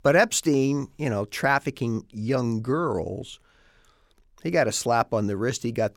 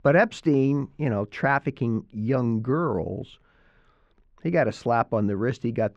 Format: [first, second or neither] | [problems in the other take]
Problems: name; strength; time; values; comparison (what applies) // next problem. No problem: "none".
first | muffled; very; fading above 2.5 kHz